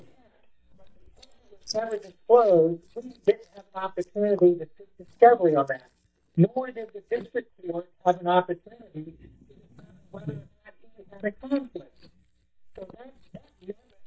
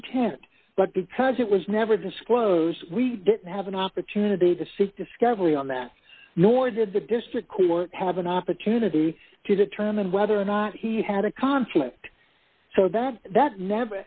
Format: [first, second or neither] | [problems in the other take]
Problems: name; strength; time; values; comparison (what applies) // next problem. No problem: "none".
second | noise reduction (neural mask model DeepFilterNet 3)